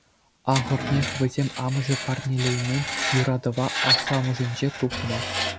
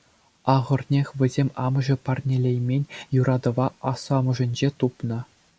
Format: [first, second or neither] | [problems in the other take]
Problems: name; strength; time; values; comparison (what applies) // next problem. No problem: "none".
second | background sound (Screech); 4 dB below the speech